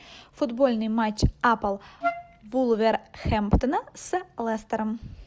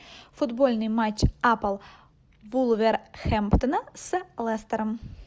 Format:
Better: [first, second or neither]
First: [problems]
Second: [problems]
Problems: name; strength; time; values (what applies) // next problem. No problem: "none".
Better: second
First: background sound (Wind instrument, woodwind instrument); 6 dB below the speech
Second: none